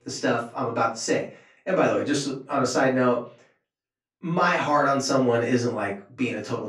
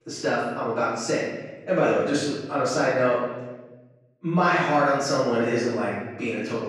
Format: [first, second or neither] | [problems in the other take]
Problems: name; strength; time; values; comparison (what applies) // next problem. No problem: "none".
first | room echo; strong; dies away in 1.2 s; slight in the first // off-mic speech; far; far in the first